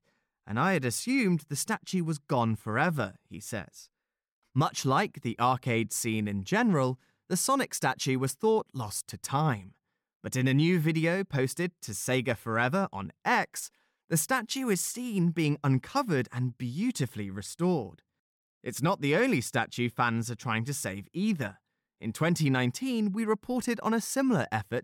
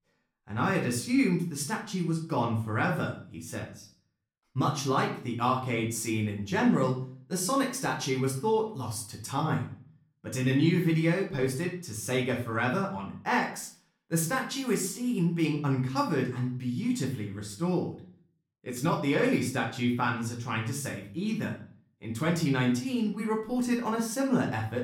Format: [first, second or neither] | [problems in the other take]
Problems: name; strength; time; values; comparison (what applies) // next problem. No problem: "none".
first | room echo; slight; dies away in 0.4 s // off-mic speech; far